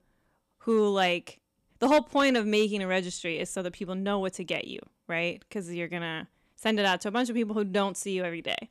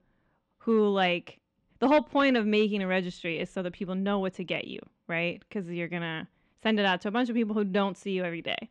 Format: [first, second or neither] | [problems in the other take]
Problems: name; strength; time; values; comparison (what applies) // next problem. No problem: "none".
first | muffled; slightly; fading above 3 kHz